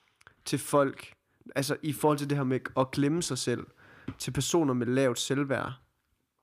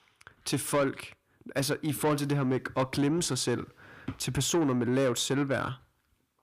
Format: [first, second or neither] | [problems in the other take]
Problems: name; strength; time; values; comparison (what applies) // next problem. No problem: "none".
first | distortion; slight; 10 dB below the speech